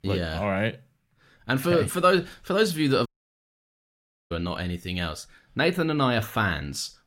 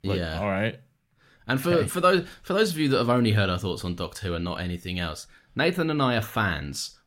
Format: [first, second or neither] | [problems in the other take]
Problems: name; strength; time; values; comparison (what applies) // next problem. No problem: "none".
second | audio cutting out; at 3 s for 1 s